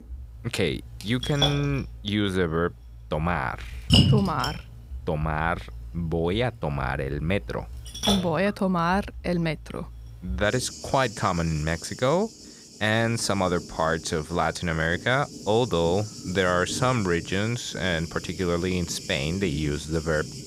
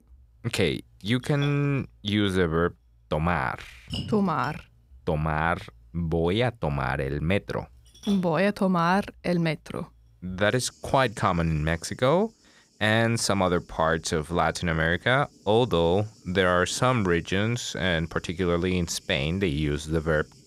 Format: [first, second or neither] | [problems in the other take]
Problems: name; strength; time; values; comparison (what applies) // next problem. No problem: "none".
second | rain or running water; loud; throughout; 6 dB below the speech; faint in the second